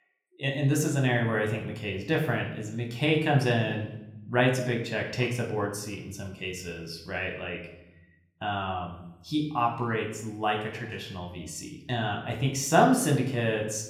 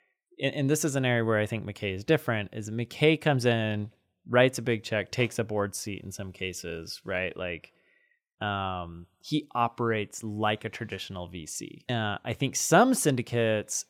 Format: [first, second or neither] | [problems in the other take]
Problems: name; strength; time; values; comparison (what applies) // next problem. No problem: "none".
second | room echo; slight; dies away in 0.7 s // off-mic speech; somewhat distant